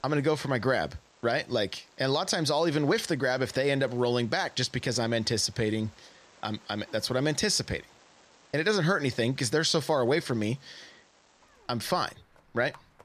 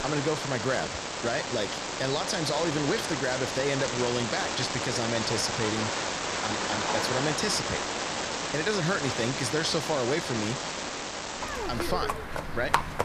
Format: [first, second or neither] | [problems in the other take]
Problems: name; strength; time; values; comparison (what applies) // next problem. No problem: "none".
first | animal sounds; loud; throughout; as loud as the speech; faint in the first